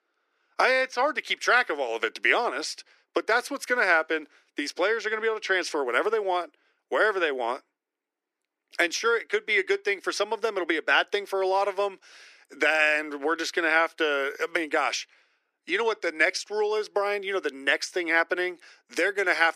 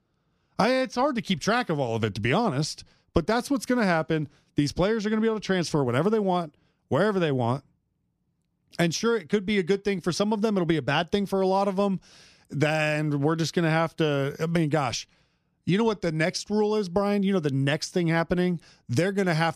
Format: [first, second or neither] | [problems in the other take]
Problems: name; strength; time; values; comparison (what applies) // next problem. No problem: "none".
second | thin; very; fading below 350 Hz